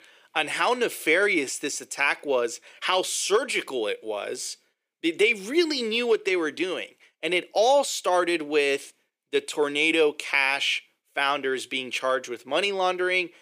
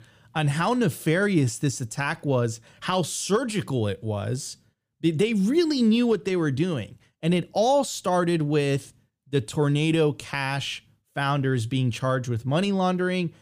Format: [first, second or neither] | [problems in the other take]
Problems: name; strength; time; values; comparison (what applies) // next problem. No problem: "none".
second | thin; very; fading below 400 Hz